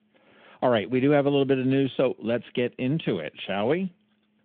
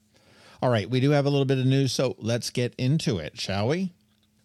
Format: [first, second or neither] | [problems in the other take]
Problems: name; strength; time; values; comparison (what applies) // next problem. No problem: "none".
second | phone-call audio